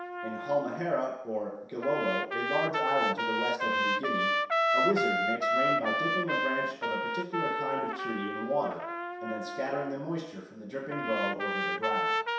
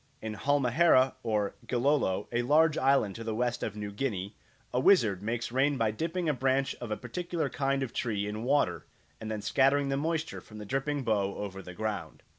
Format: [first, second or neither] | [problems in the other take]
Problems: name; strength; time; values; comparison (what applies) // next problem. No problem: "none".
second | background sound (Trumpet); 2 dB above the speech // room echo; dies away in 0.7 s